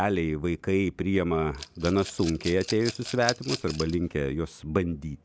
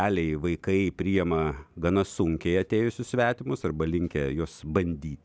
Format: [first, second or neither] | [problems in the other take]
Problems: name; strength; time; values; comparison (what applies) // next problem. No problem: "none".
second | background sound (Rattle / Glass); 12 dB below the speech